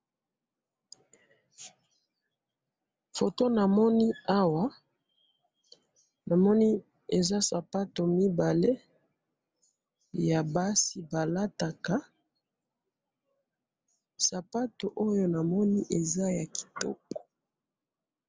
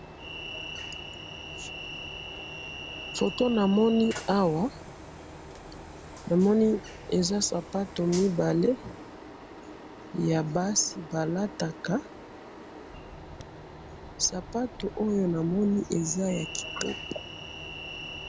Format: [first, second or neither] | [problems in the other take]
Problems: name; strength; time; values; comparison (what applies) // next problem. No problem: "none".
first | background sound (Train); 12 dB below the speech